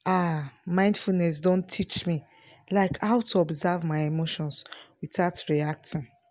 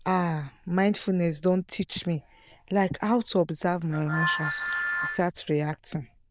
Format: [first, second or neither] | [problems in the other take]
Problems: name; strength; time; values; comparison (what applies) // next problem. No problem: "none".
first | noise reduction (neural diffusion model UNIVERSE++)